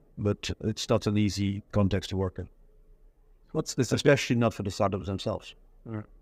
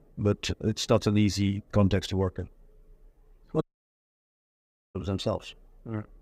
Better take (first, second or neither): first